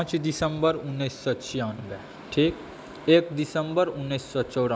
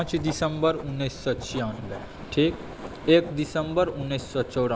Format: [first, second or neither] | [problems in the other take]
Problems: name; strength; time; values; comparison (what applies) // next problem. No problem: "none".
first | background sound (Writing); 14 dB below the speech